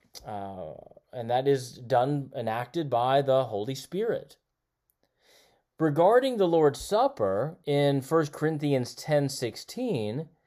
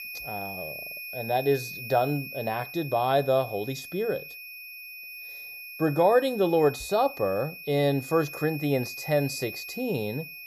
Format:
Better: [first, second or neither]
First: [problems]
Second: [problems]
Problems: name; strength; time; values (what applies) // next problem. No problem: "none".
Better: first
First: none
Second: high-pitched whine; noticeable; throughout; 2.5 kHz, 10 dB below the speech